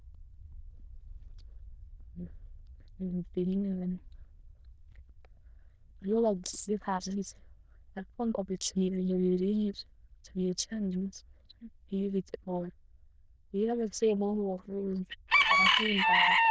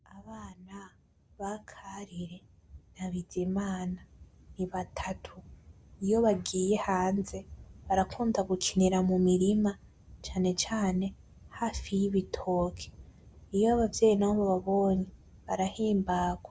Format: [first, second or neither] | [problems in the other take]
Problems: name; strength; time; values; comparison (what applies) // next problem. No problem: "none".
second | noise reduction (neural diffusion model UNIVERSE++)